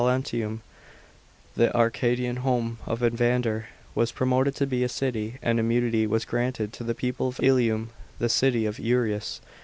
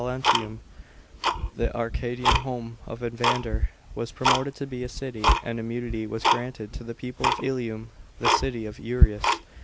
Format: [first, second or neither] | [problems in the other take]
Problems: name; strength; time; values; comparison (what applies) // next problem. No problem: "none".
first | background sound (Tick-tock); 4 dB above the speech